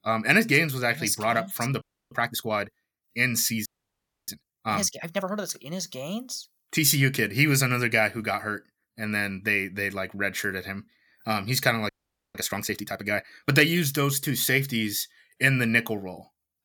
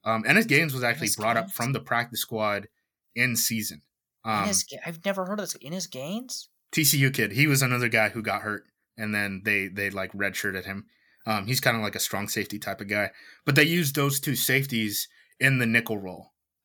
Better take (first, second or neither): second